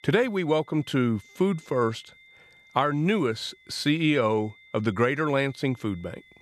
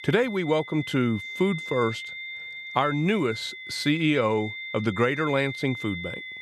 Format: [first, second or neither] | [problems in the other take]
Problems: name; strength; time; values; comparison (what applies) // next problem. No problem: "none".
first | high-pitched whine; loud; throughout; 2 kHz, 9 dB below the speech; faint in the first